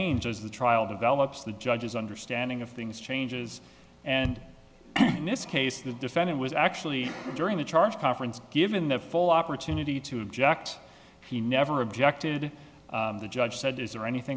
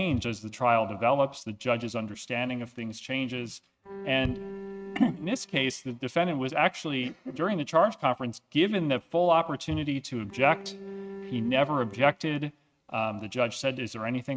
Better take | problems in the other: first | noise reduction (neural mask model RNNoise)

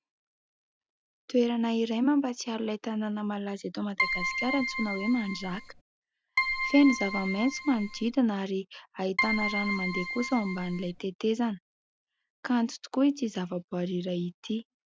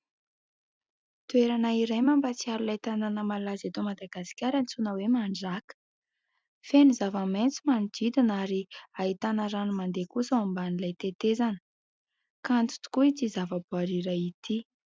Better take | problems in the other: second | background sound (Keyboard (musical)); 3 dB below the speech

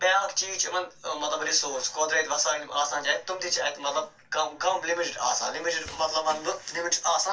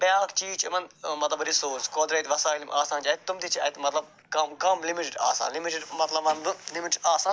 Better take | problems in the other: second | noise reduction (neural separator model SepFormer DNS4)

